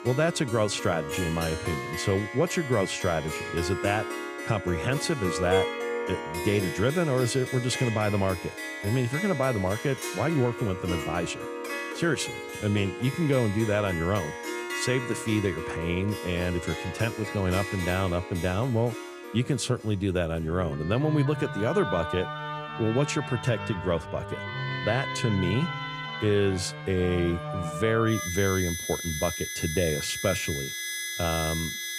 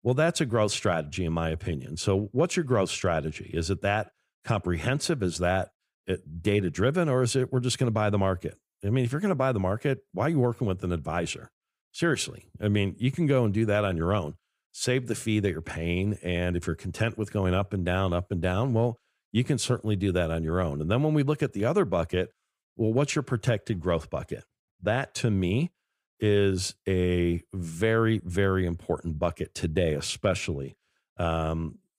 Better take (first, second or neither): second